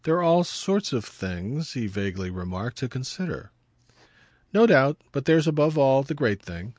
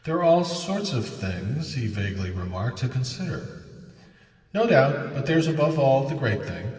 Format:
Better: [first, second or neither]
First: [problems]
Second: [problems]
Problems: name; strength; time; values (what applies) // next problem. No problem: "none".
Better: first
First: none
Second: room echo; dies away in 2.1 s